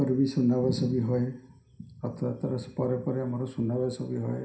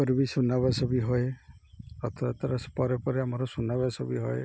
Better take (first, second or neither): second